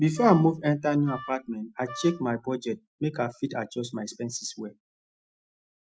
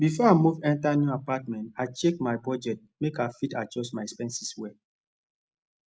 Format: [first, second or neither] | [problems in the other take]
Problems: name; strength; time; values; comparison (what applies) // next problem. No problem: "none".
second | noise reduction (classical method Wiener filter)